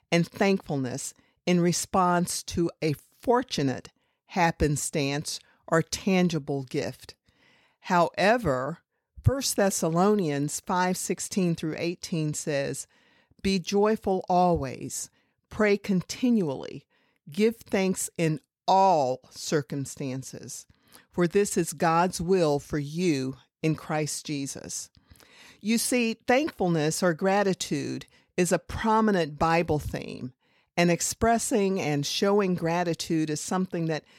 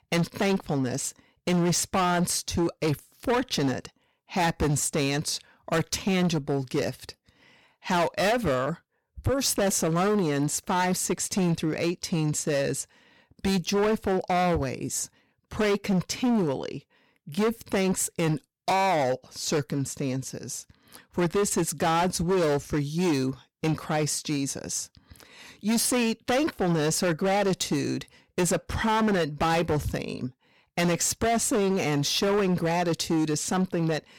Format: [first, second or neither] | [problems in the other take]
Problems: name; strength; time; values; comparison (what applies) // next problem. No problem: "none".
first | distortion; heavy; 15% of the sound clipped